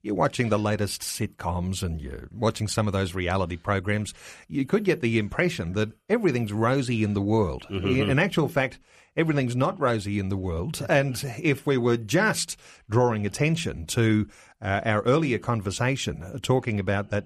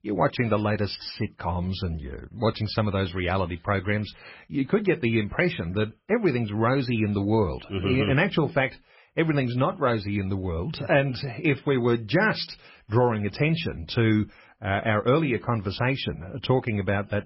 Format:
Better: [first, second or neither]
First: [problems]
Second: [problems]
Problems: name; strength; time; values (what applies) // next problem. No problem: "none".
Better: first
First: none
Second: garbled, watery; badly; nothing above 5.5 kHz